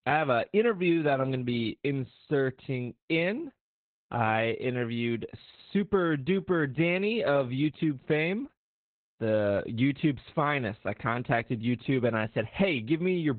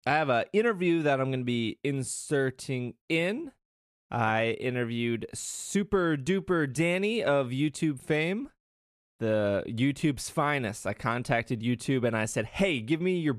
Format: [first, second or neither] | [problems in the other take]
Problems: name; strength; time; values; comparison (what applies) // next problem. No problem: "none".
second | garbled, watery; badly; nothing above 4 kHz